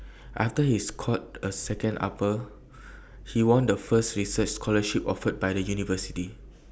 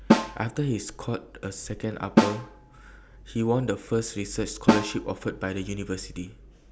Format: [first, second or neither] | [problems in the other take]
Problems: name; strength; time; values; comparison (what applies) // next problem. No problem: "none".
first | background sound (Snare drum); 2 dB above the speech